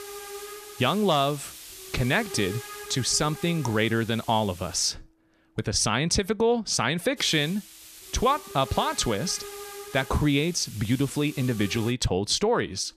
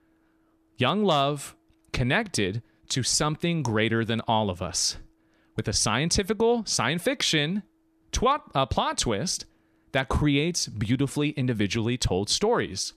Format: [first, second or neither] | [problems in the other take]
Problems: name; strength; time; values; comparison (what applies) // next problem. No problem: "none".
second | hiss; noticeable; until 5 s and from 7 to 12 s; 15 dB below the speech